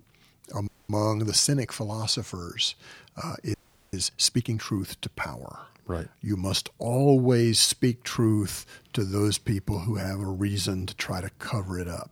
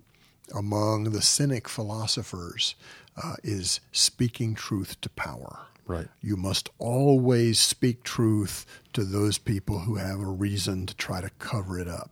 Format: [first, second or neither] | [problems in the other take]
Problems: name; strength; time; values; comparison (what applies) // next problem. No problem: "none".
second | audio freezing; at 0.5 s and at 3.5 s